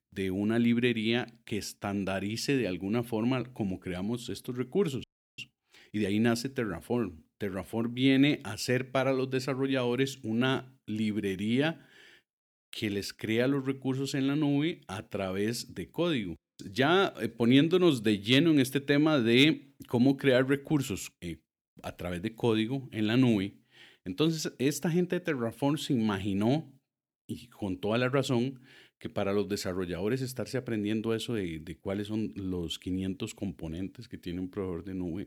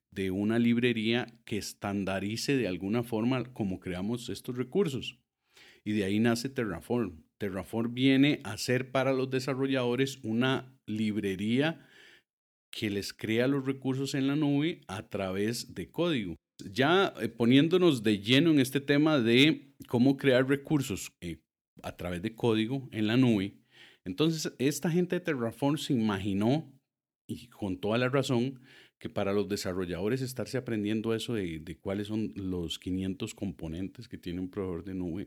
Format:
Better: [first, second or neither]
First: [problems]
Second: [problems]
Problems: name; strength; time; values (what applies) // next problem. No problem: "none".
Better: second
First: audio freezing; at 5 s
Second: none